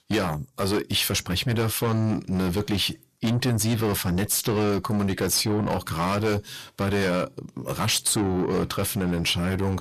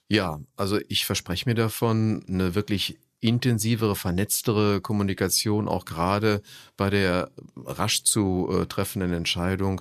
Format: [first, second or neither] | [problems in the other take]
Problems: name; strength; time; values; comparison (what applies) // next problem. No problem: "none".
second | distortion; heavy; 6 dB below the speech